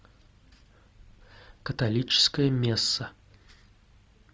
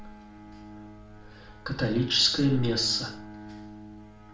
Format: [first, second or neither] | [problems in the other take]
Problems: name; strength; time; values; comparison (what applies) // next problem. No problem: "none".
first | background sound (Bowed string instrument); 16 dB below the speech // room echo; dies away in 0.5 s